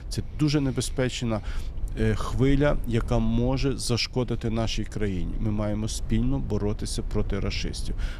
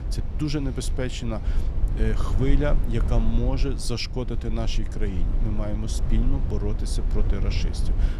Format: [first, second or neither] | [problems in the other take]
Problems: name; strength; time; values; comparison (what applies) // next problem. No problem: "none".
first | low rumble; loud; throughout; 9 dB below the speech; faint in the first